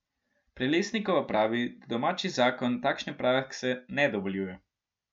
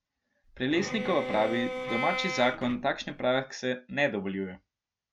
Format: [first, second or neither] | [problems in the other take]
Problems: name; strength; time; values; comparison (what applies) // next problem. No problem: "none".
first | background sound (Bowed string instrument); 5 dB below the speech